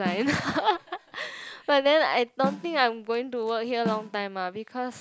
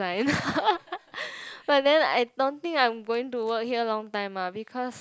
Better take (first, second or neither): second